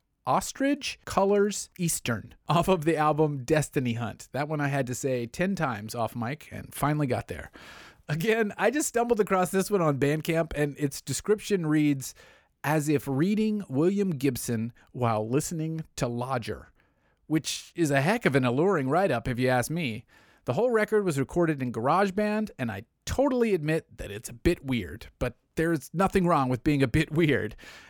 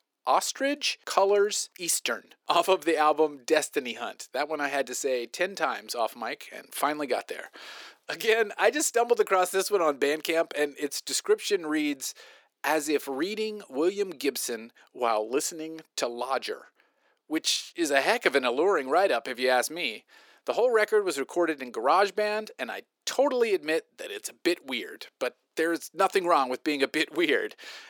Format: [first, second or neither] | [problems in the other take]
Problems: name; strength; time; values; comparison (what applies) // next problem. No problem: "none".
first | thin; somewhat; fading below 350 Hz